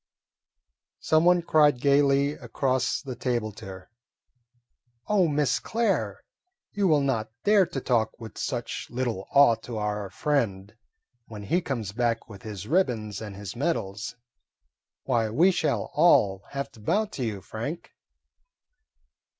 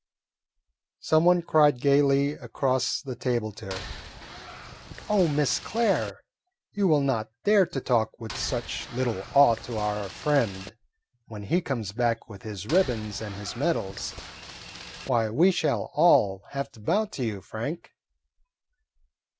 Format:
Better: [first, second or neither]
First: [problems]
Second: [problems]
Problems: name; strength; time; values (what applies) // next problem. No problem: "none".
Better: first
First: none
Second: background sound (Boat, Water vehicle); 13 dB below the speech